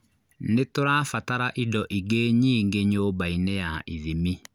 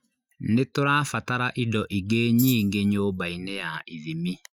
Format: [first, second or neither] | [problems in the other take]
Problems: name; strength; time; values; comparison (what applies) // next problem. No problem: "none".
first | noise reduction (classical method Wiener filter)